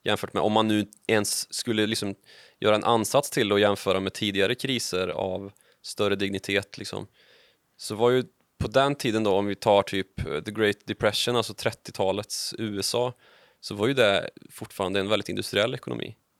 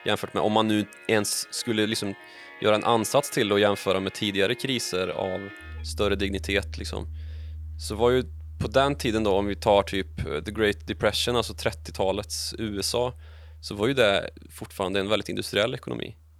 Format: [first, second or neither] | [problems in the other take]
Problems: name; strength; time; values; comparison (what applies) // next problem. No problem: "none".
first | background music; noticeable; throughout; 15 dB below the speech